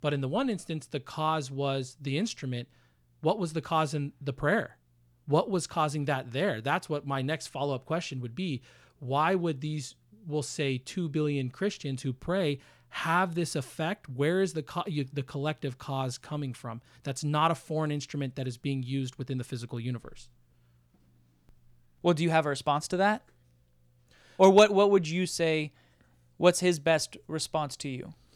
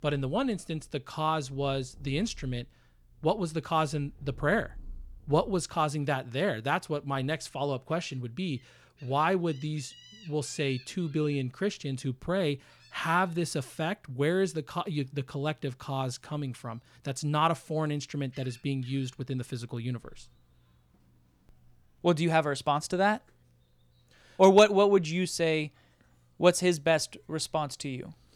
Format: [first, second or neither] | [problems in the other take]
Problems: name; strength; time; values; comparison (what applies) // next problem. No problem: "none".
first | animal sounds; faint; throughout; 25 dB below the speech